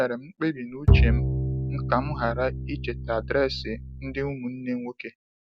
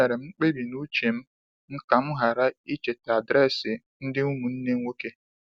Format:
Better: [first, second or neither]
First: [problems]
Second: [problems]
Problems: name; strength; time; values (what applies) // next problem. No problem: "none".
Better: second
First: background sound (Bowed string instrument); 4 dB above the speech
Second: none